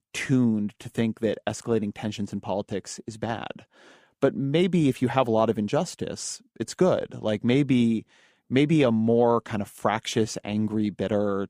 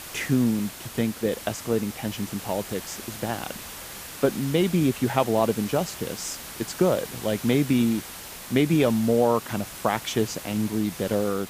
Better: first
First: none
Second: hiss; noticeable; throughout; 10 dB below the speech

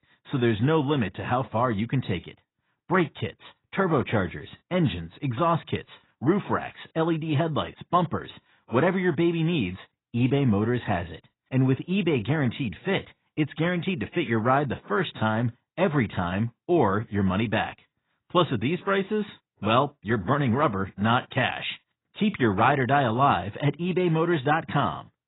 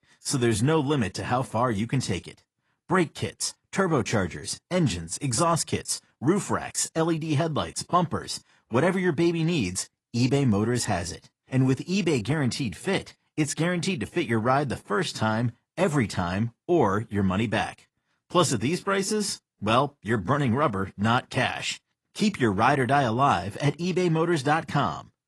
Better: second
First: garbled, watery; badly; nothing above 4 kHz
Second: garbled, watery; slightly; nothing above 11 kHz

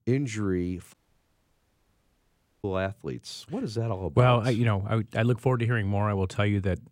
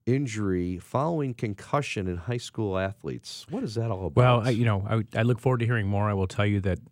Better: second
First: audio cutting out; at 1 s for 1.5 s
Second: none

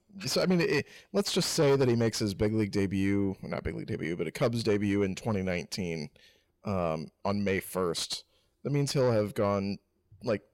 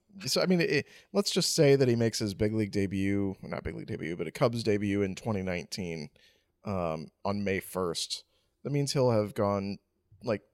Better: second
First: distortion; slight; 10 dB below the speech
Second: none

